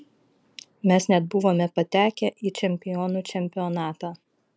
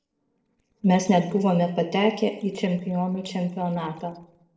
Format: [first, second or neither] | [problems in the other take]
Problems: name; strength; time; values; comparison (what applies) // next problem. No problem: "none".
first | noise reduction (neural separator model SepFormer DNS4)